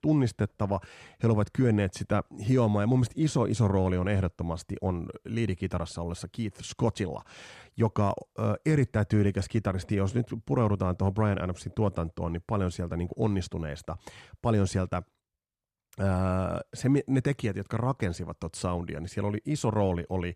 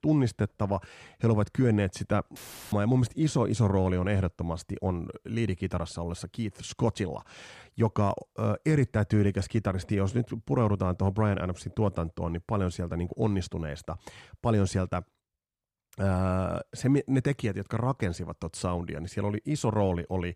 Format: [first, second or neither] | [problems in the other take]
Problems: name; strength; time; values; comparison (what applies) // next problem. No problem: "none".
first | audio cutting out; filled with static; at 2.5 s